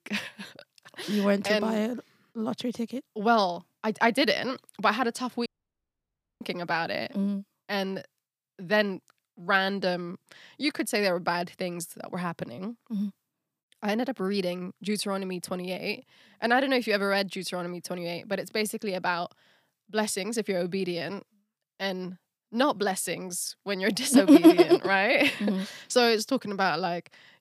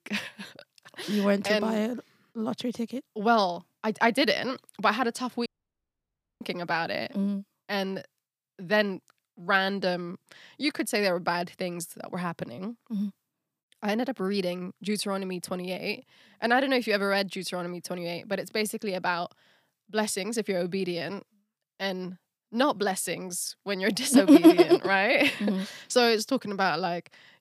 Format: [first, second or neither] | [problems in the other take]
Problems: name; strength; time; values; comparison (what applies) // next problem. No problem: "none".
neither | audio cutting out; at 5.5 s for 1 s; the same in both